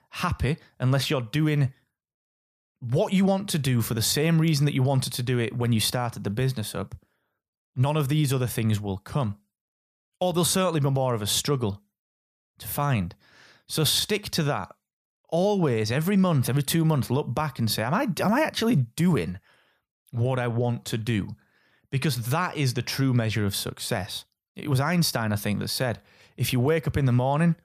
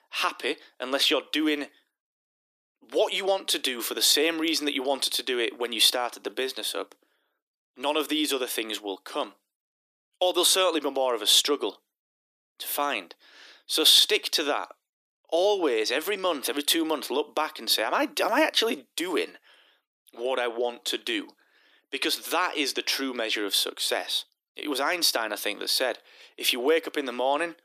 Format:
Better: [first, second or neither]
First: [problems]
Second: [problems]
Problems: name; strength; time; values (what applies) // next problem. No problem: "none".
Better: first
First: none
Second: thin; very; fading below 300 Hz